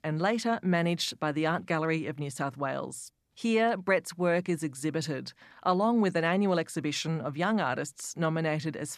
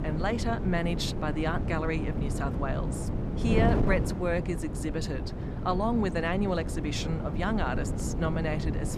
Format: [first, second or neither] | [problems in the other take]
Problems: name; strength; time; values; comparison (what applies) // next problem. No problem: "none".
first | wind noise on the microphone; heavy; 6 dB below the speech